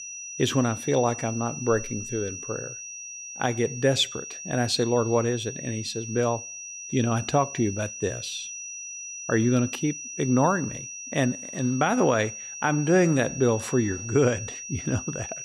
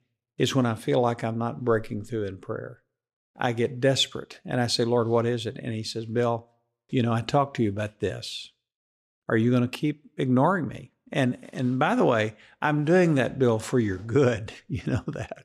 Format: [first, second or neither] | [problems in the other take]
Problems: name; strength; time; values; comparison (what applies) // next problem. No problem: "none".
second | high-pitched whine; loud; throughout; 6 kHz, 9 dB below the speech